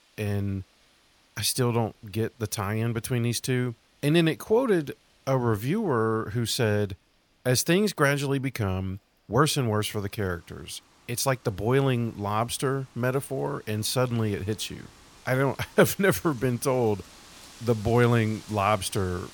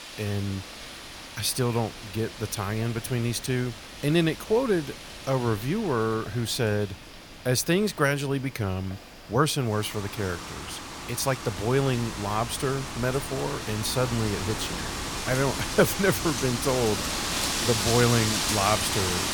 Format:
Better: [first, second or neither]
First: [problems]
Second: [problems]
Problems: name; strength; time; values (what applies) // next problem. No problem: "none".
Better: first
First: wind in the background; faint; throughout; 25 dB below the speech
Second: wind in the background; loud; throughout; 4 dB below the speech